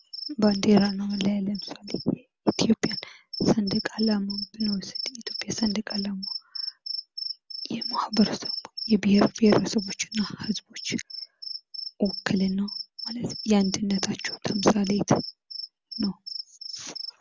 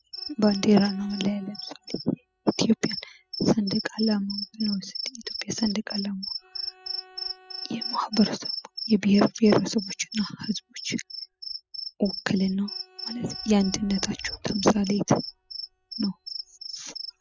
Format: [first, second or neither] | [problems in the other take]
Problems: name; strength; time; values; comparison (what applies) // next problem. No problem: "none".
first | noise reduction (classical method spectral subtraction)